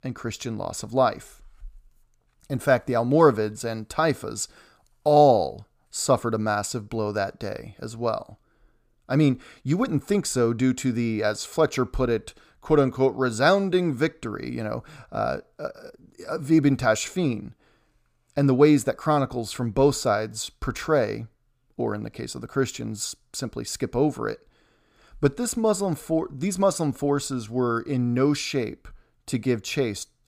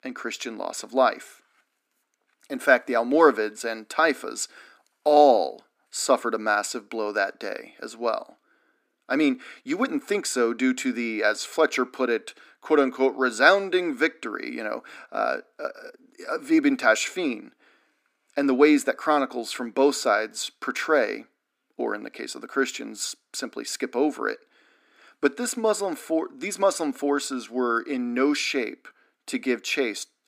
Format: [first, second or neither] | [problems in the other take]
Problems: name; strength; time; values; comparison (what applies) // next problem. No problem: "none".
first | thin; very slightly; fading below 250 Hz